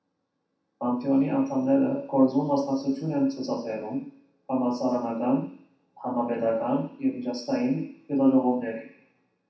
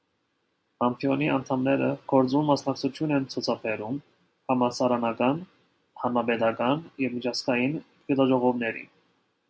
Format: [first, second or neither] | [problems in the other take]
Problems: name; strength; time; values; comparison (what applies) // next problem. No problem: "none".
second | room echo; dies away in 0.7 s